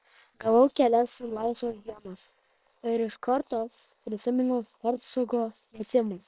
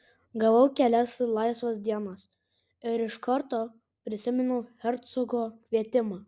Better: second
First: noise reduction (neural separator model SepFormer WHAM!)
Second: none

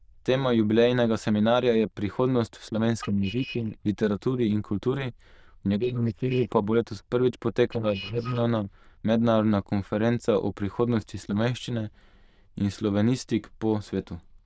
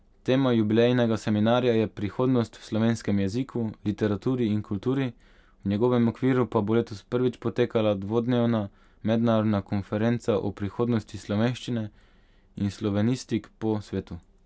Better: second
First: noise reduction (neural diffusion model UNIVERSE++)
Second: none

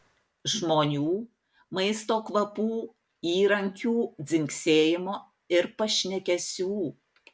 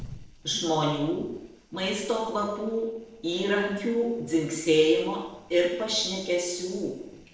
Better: first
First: none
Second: noise reduction (neural separator model SepFormer DNS4)

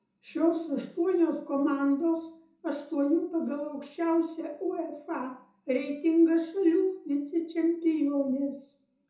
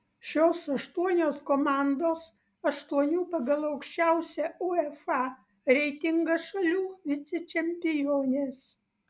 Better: second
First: room echo; dies away in 0.5 s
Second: none

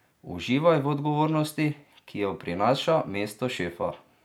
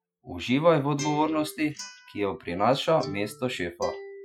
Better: first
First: none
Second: noise reduction (classical method Wiener filter)

